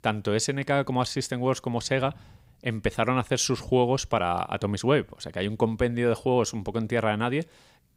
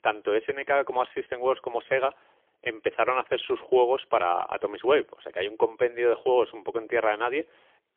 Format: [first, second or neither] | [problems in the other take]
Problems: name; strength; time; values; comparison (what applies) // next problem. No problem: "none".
first | phone-call audio; poor line; nothing above 3.5 kHz